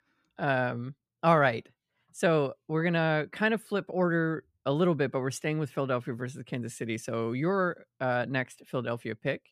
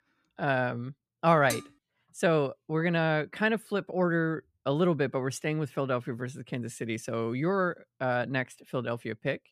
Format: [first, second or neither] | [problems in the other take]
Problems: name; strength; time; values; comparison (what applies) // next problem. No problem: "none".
first | clattering dishes; noticeable; at 1.5 s; peak 8 dB below the speech